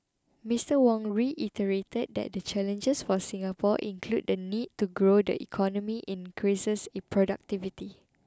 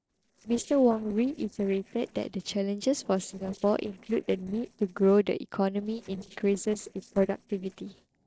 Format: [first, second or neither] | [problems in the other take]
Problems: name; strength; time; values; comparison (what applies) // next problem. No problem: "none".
first | noise reduction (neural separator model SepFormer DNS4)